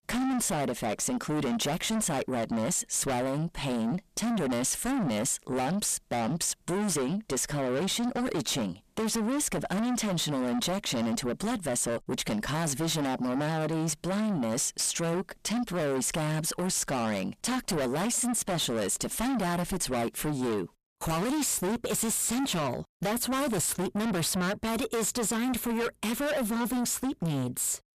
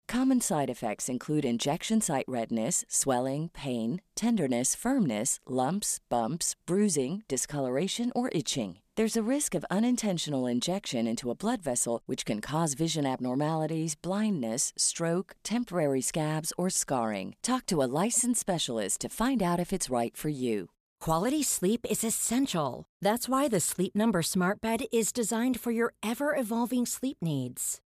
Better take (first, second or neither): second